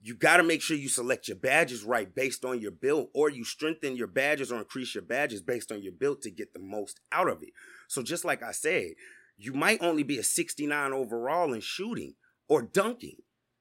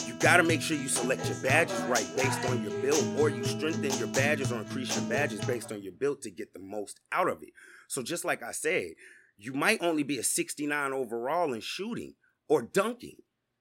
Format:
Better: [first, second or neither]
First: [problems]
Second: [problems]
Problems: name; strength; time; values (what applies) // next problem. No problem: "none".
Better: first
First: none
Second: background music; loud; until 6 s; 3 dB below the speech